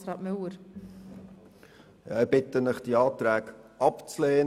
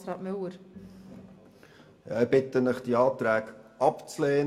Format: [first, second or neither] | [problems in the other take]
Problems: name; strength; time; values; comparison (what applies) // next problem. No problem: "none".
first | room echo; dies away in 0.3 s